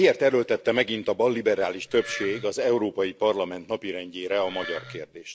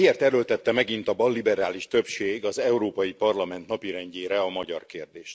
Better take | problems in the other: second | background sound (Wood); 15 dB below the speech

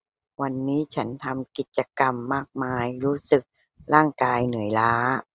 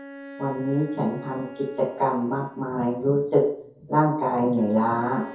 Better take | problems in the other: first | background sound (Bowed string instrument); 19 dB below the speech // room echo; dies away in 0.6 s

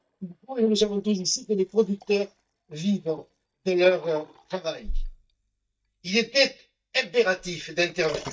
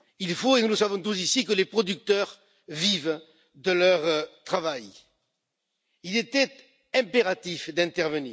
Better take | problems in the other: second | noise reduction (neural mask model DeepFilterNet 3)

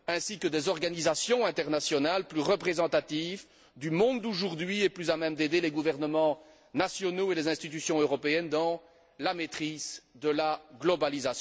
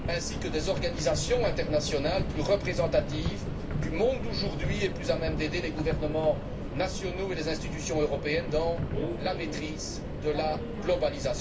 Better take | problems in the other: first | background sound (Subway, metro, underground); 2 dB below the speech // room echo; dies away in 0.2 s

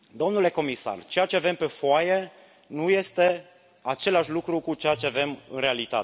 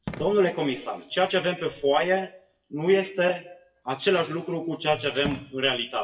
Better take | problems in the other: first | noise reduction (classical method WPE with log-MMSE)

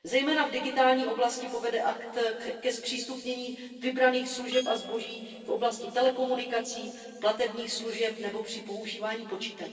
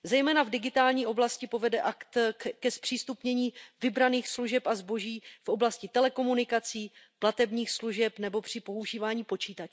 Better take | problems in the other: second | noise reduction (neural separator model SepFormer DNS4)

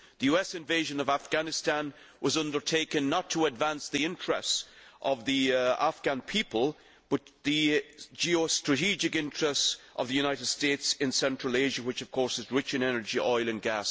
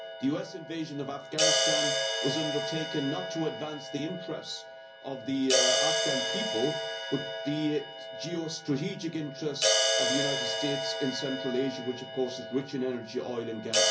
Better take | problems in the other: first | background sound (Crash cymbal); 2 dB above the speech // room echo; dies away in 0.5 s

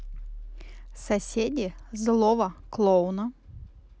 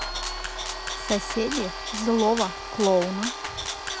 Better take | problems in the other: first | background sound (Domestic sounds, home sounds + Rattle (instrument)); 5 dB below the speech

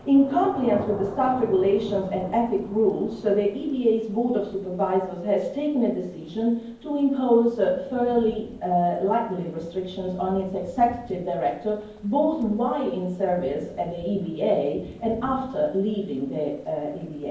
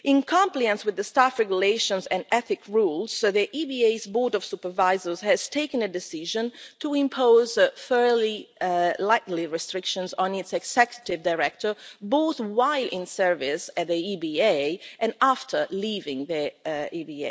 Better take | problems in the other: second | background sound (Thunder / Rain); 17 dB below the speech // room echo; dies away in 0.9 s

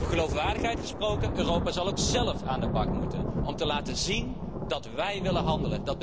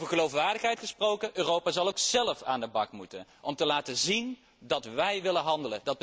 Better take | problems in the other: second | background sound (Thunder); 1 dB above the speech

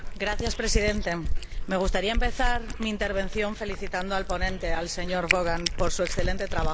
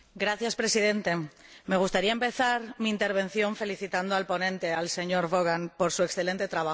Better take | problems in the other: second | background sound (Cat); 1 dB above the speech

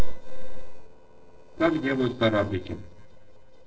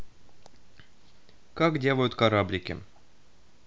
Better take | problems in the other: second | noise reduction (neural separator model SepFormer DNS4)

